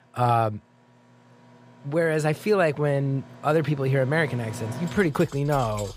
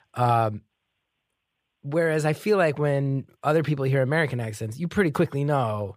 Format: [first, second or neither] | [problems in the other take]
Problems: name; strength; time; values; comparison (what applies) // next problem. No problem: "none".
second | machinery noise; noticeable; throughout; 15 dB below the speech